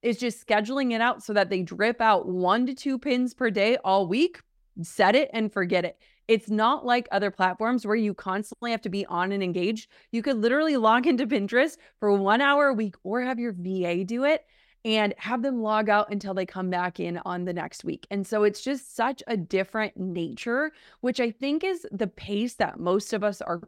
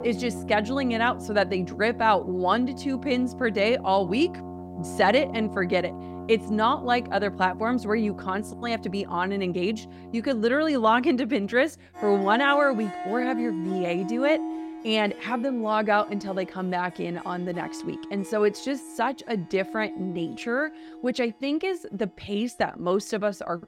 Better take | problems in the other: first | background music; noticeable; throughout; 10 dB below the speech

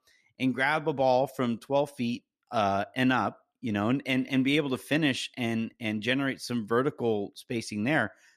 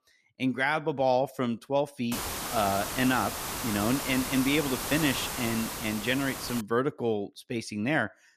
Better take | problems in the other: first | hiss; loud; from 2 to 6.5 s; 4 dB below the speech

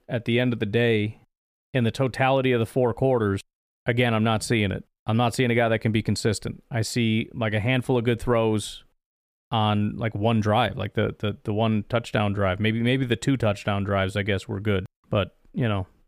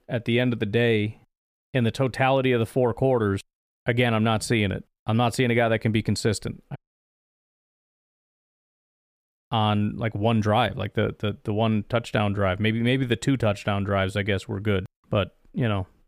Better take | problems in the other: first | audio cutting out; at 7 s for 2.5 s

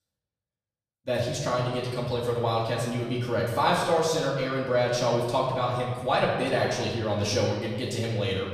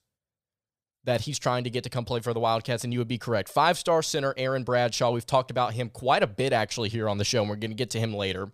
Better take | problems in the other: second | off-mic speech; far // room echo; noticeable; dies away in 1.3 s

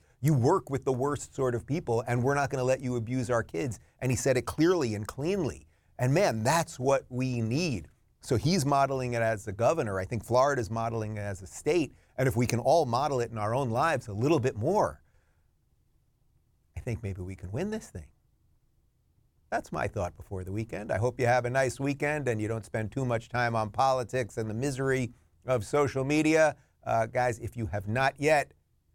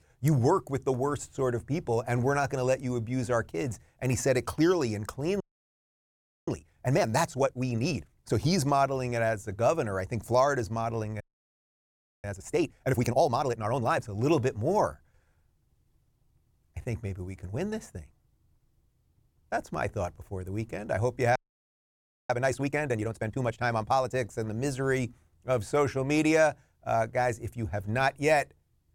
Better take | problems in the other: first | audio freezing; at 5.5 s for 1 s, at 11 s for 1 s and at 21 s for 1 s

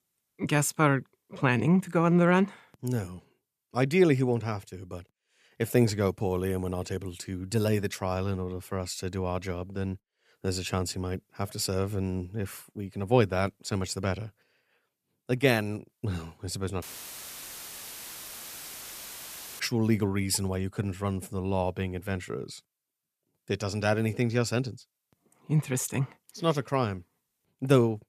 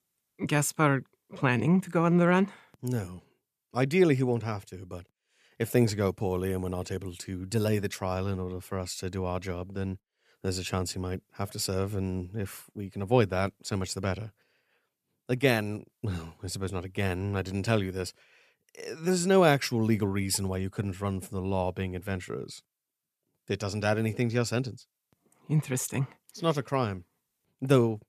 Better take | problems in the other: second | audio cutting out; filled with static; at 17 s for 3 s

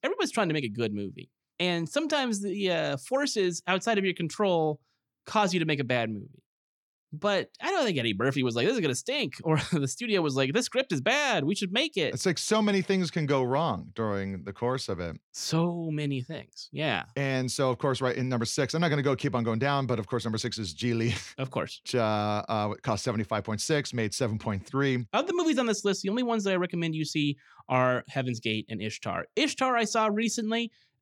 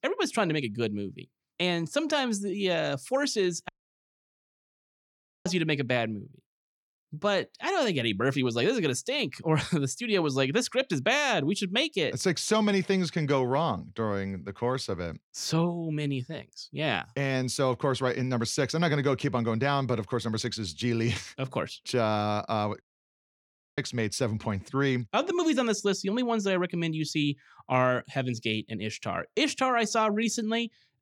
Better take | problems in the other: first | audio cutting out; at 3.5 s for 2 s and at 23 s for 1 s

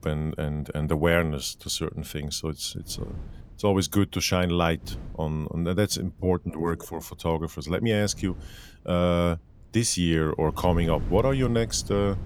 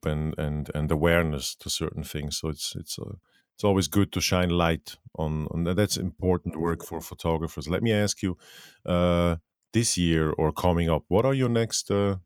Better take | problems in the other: second | wind noise on the microphone; occasional gusts; 20 dB below the speech

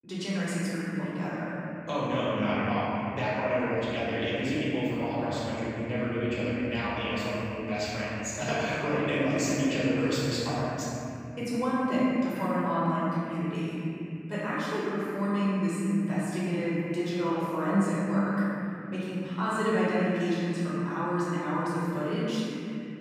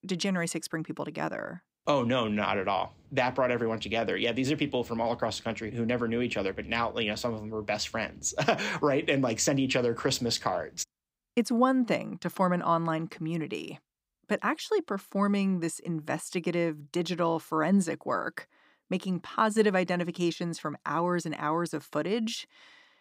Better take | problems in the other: second | room echo; strong; dies away in 3 s // off-mic speech; far

